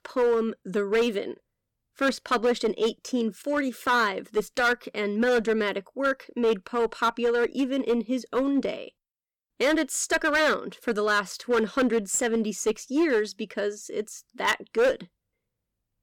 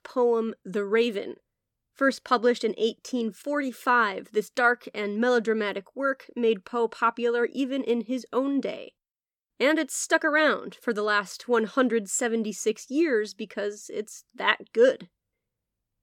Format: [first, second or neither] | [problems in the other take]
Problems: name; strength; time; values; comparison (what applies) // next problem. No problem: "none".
second | distortion; slight; 7% of the sound clipped